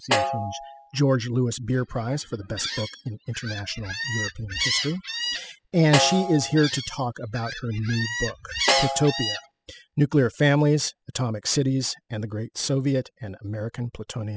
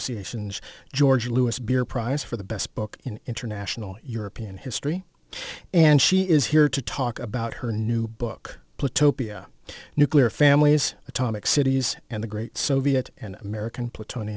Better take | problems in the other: second | noise reduction (classical method spectral subtraction)

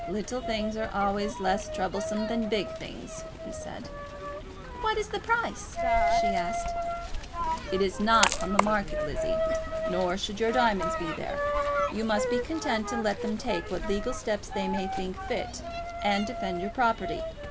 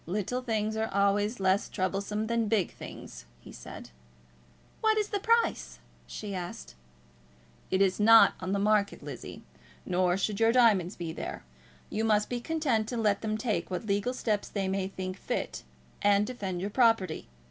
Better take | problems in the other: second | background sound (Coin (dropping)); 1 dB below the speech

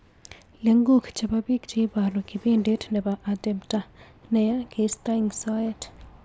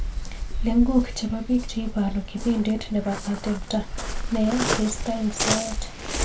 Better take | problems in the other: first | background sound (Waves, surf); 3 dB below the speech // room echo; dies away in 0.2 s

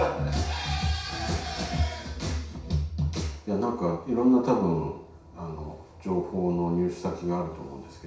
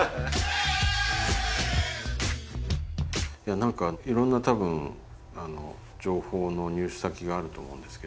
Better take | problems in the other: second | room echo; dies away in 0.6 s

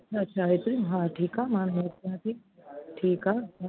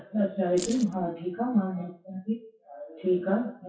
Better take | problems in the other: first | noise reduction (classical method WPE with log-MMSE)

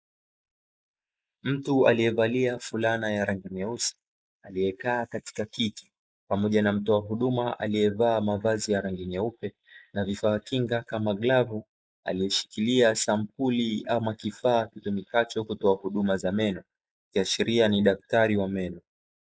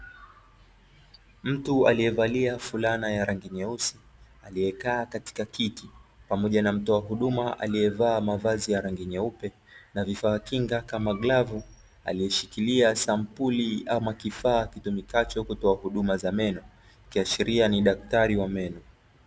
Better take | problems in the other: second | noise reduction (neural mask model Resemble Enhance denoiser)

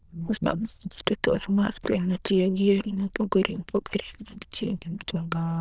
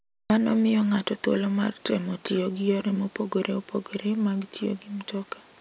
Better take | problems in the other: second | noise reduction (neural diffusion model UNIVERSE++)

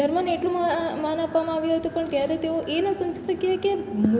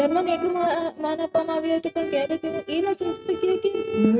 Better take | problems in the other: first | noise reduction (neural mask model RNNoise)

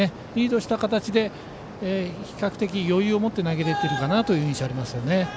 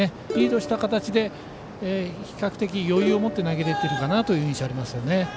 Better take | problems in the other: first | background sound (Plucked string instrument); 8 dB below the speech

